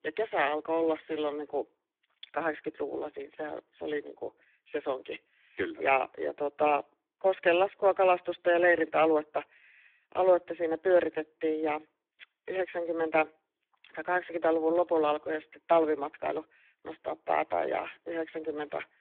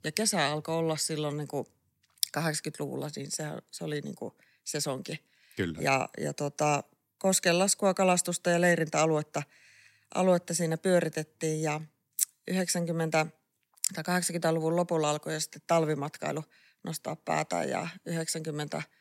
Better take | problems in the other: second | phone-call audio; poor line

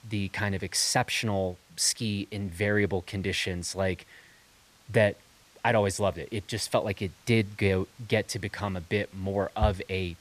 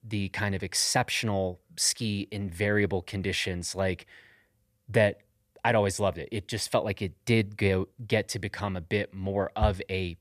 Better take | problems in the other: second | hiss; faint; throughout; 30 dB below the speech

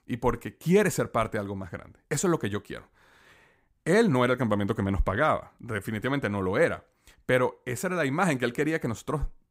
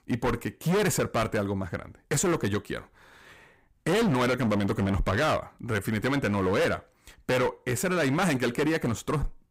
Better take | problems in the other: first | distortion; heavy; 16% of the sound clipped

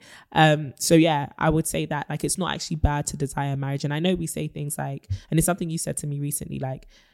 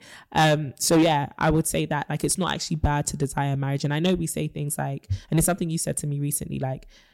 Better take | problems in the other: first | distortion; slight; 3% of the sound clipped

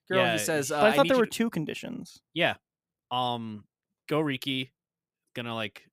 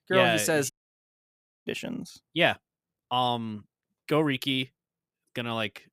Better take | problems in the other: first | audio cutting out; at 0.5 s for 1 s

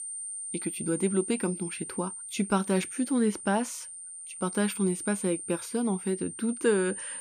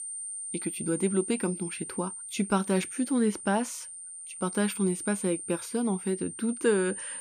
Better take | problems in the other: neither | high-pitched whine; loud; throughout; 9 kHz, 7 dB below the speech; the same in both

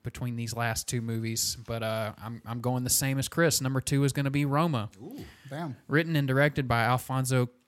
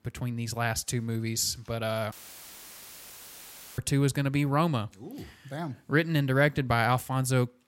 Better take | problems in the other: first | audio cutting out; filled with static; at 2 s for 1.5 s

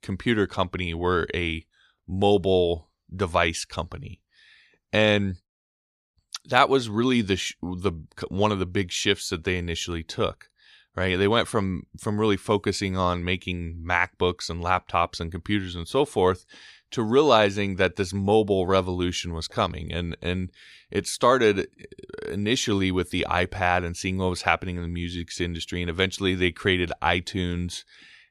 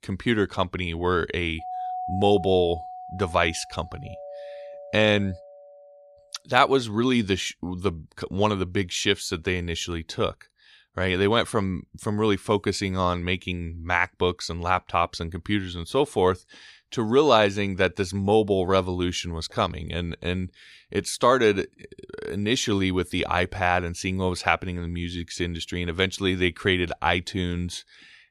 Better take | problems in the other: first | doorbell; noticeable; from 1.5 to 6 s; peak 6 dB below the speech

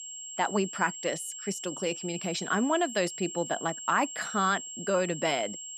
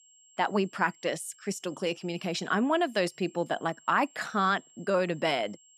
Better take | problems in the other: second | high-pitched whine; loud; throughout; 7.5 kHz, 8 dB below the speech; faint in the second

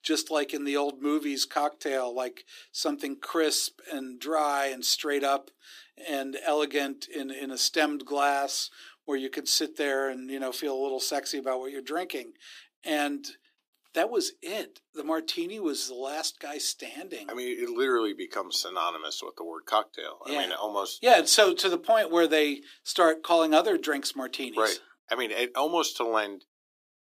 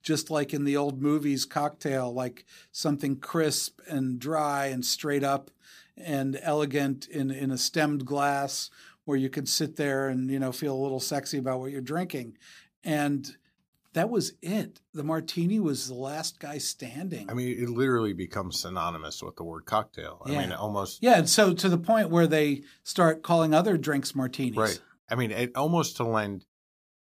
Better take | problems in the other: second | thin; somewhat; fading below 300 Hz

